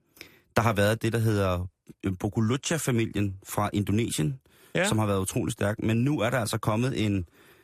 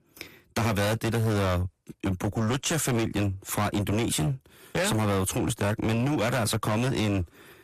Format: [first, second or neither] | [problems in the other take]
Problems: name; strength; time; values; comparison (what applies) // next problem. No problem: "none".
first | distortion; heavy; 25% of the sound clipped